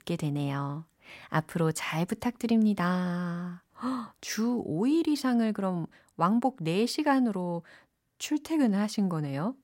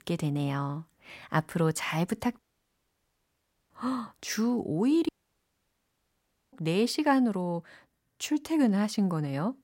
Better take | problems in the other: first | audio cutting out; at 2.5 s for 1.5 s and at 5 s for 1.5 s

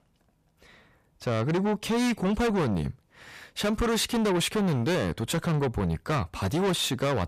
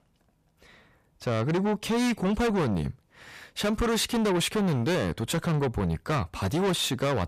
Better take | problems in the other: neither | distortion; heavy; 6 dB below the speech; the same in both

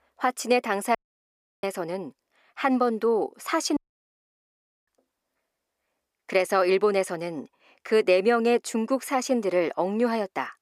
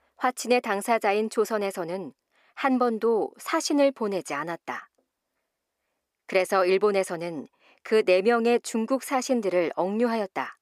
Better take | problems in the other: second | audio cutting out; at 1 s for 0.5 s and at 4 s for 1 s

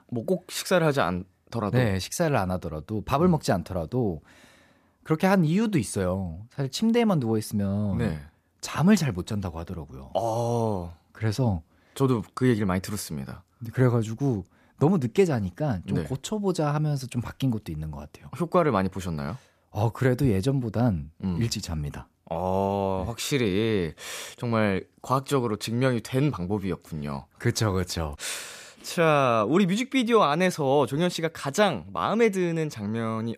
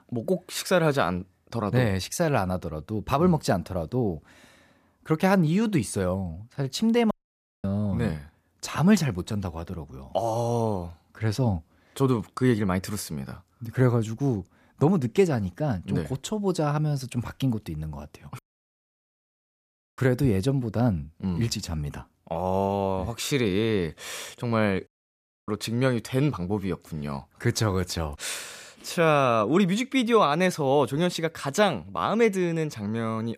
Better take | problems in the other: first | audio cutting out; at 7 s for 0.5 s, at 18 s for 1.5 s and at 25 s for 0.5 s

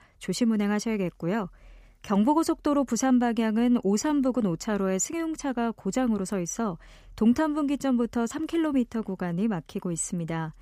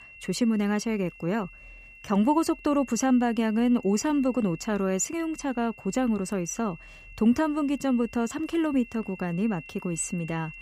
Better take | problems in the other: first | high-pitched whine; noticeable; throughout; 2.5 kHz, 20 dB below the speech

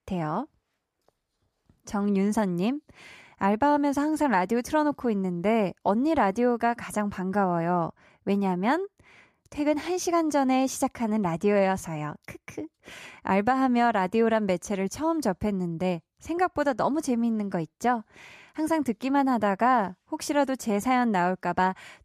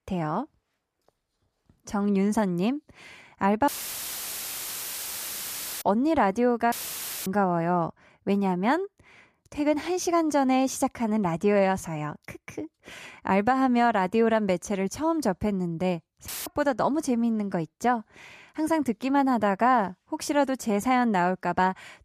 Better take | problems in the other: first | audio cutting out; filled with static; at 3.5 s for 2 s, at 6.5 s for 0.5 s and at 16 s

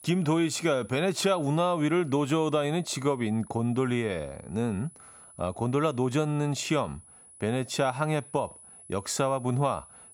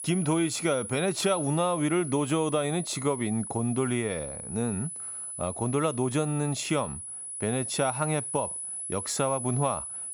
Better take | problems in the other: first | high-pitched whine; loud; throughout; 10 kHz, 6 dB below the speech; faint in the first

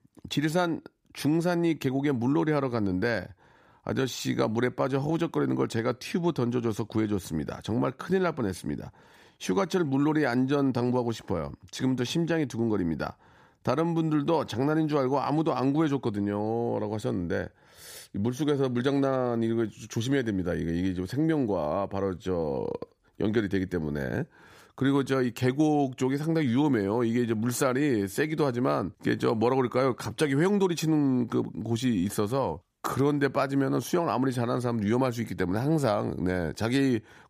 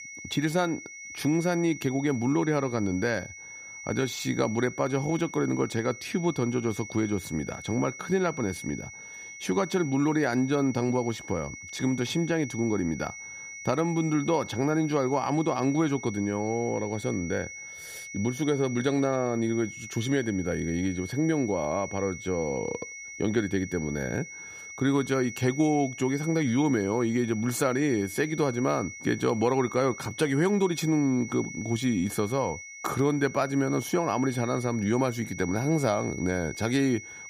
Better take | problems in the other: first | high-pitched whine; noticeable; throughout; 2 kHz, 10 dB below the speech

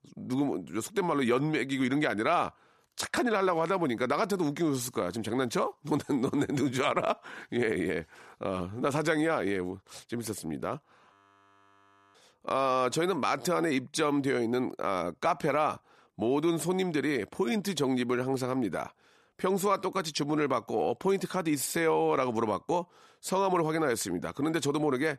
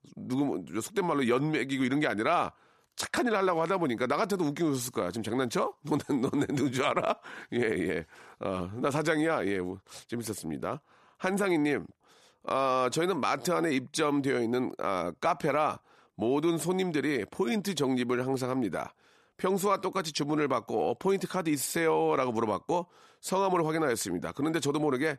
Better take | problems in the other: second | audio freezing; at 11 s for 1 s

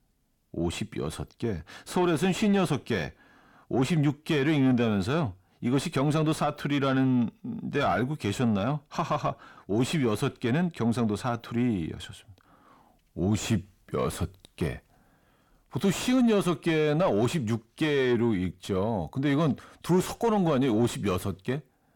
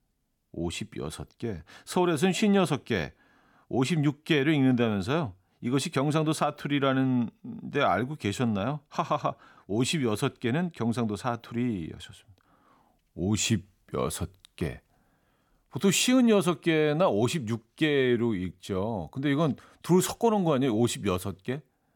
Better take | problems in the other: second | distortion; slight; 10 dB below the speech

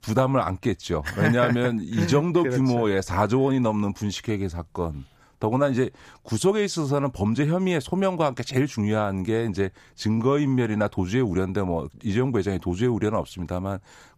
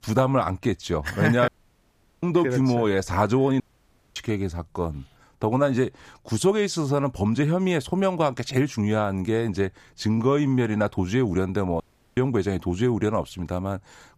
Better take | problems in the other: first | audio cutting out; at 1.5 s for 0.5 s, at 3.5 s for 0.5 s and at 12 s

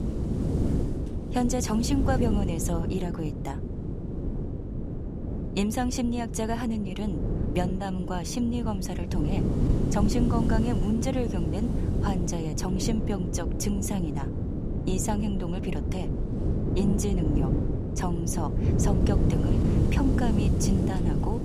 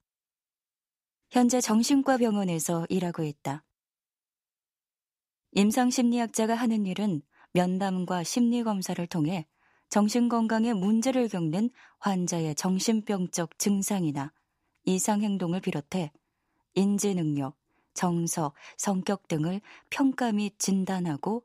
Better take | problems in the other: second | wind noise on the microphone; heavy; 3 dB below the speech

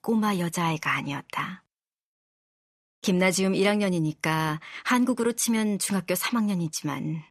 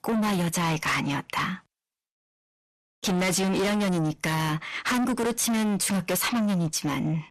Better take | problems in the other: first | distortion; heavy; 6 dB below the speech

